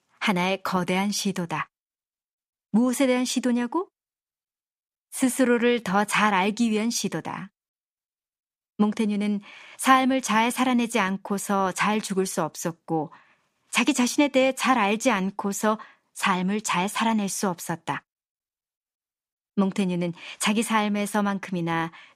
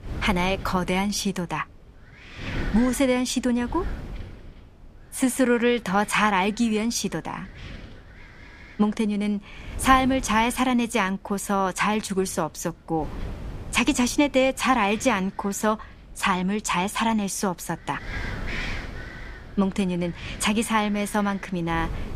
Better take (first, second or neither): first